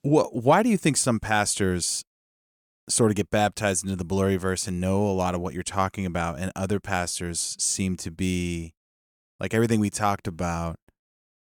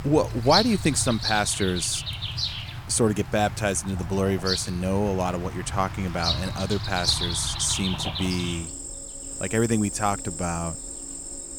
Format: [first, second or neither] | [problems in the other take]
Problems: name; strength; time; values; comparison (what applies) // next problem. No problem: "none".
first | animal sounds; loud; throughout; 4 dB below the speech